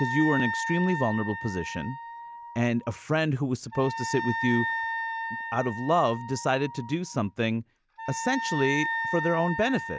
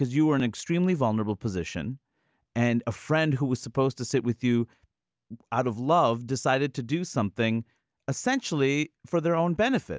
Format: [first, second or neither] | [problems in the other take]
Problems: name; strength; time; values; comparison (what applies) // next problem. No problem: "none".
second | background sound (Wind instrument, woodwind instrument); 6 dB below the speech